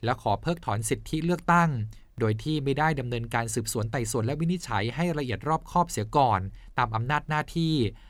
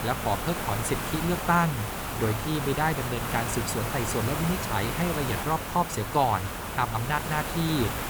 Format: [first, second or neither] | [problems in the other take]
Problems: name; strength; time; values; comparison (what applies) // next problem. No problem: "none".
first | hiss; loud; throughout; 3 dB below the speech